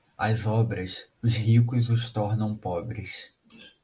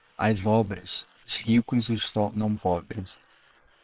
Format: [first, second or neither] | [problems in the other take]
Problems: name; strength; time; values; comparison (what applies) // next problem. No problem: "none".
first | noise reduction (neural separator model SepFormer WHAM!)